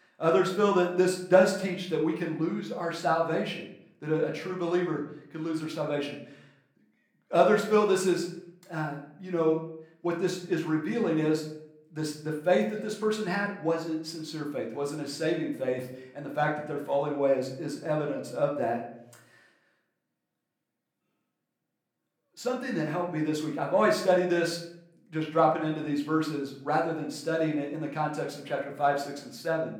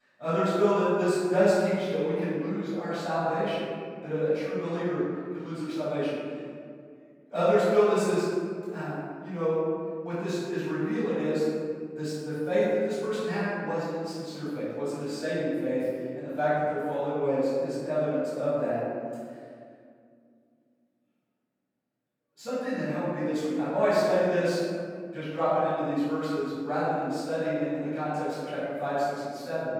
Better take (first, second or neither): first